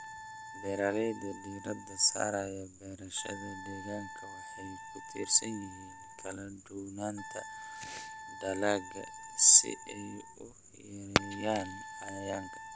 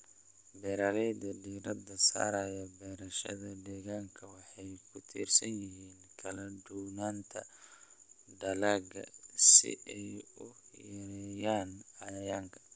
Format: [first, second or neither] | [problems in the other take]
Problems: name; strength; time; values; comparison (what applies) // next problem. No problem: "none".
second | background sound (Fireworks + Wind instrument, woodwind instrument); 10 dB below the speech